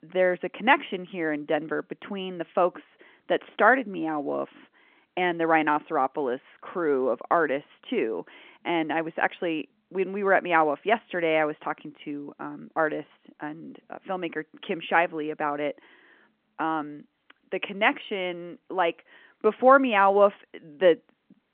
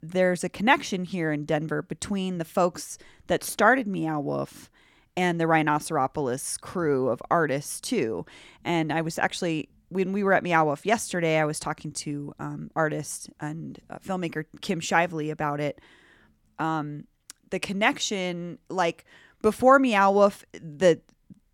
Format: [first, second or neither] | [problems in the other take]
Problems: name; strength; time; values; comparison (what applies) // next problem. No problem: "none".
second | phone-call audio